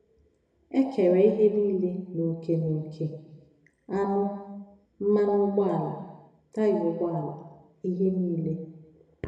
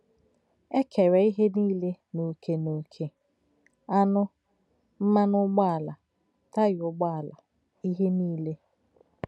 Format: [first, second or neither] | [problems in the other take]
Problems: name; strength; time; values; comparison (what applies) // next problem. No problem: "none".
second | room echo; dies away in 1.1 s